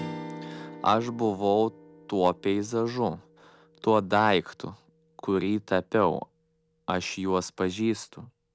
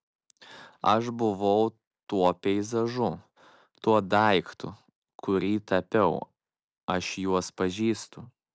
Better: second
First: background sound (Strum); 18 dB below the speech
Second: none

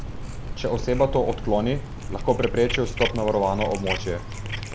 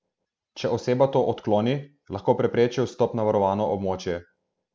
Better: second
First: background sound (Cat); 5 dB below the speech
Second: none

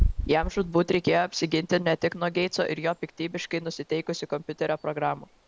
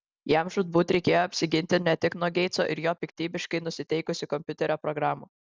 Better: second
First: background sound (Wind / Bird); 7 dB below the speech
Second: none

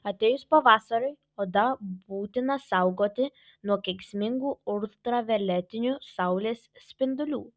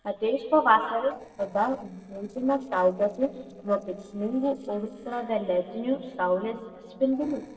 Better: first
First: none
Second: noise reduction (neural separator model SepFormer DNS4)

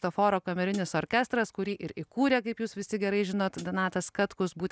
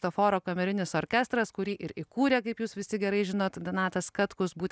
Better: second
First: background sound (Hi-hat); 17 dB below the speech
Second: none

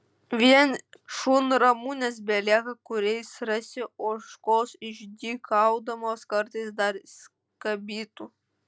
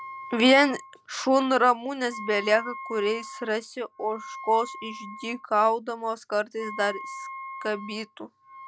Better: first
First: none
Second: background sound (Wind instrument, woodwind instrument); 15 dB below the speech

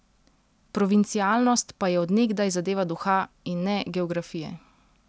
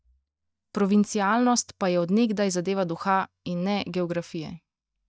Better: first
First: none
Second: noise reduction (neural mask model DeepFilterNet 3)

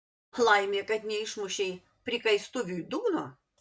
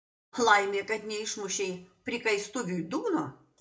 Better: first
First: none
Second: room echo; dies away in 0.2 s

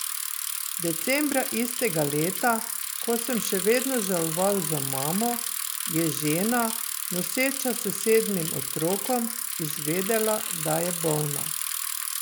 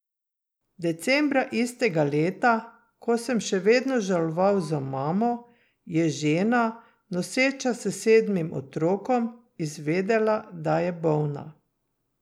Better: second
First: background sound (Bicycle); 3 dB below the speech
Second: none

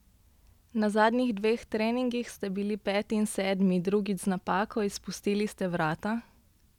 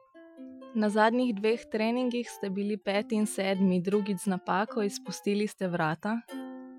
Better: first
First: none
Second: noise reduction (classical method Wiener filter)

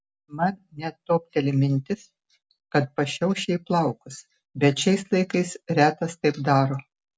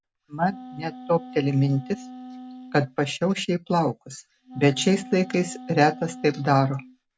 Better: first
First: none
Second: background sound (Wind instrument, woodwind instrument); 17 dB below the speech

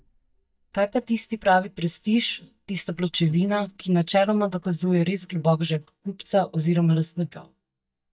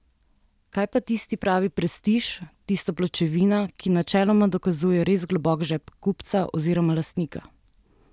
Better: second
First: noise reduction (neural mask model DeepFilterNet 3)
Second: none

